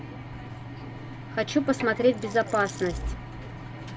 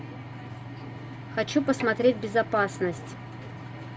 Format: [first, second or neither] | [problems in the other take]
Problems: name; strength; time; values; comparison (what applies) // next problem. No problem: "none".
second | background sound (Sliding door + Rattle); 13 dB below the speech